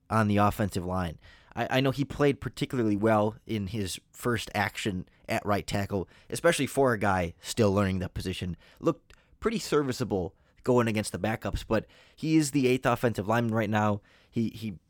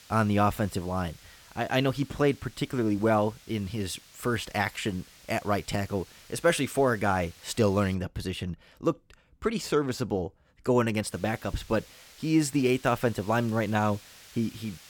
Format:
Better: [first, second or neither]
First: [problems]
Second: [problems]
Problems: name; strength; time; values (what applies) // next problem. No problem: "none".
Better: first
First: none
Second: hiss; faint; until 8 s and from 11 s on; 25 dB below the speech